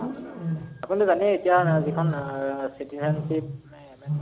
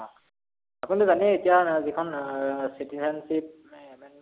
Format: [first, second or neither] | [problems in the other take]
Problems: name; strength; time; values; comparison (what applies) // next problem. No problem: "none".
second | background sound (Wild animals); 4 dB below the speech